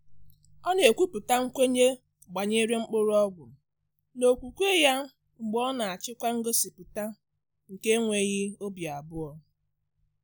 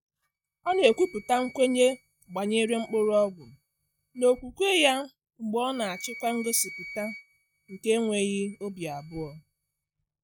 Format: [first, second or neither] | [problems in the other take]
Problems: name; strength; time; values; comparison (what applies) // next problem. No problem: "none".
first | noise reduction (neural mask model RNNoise)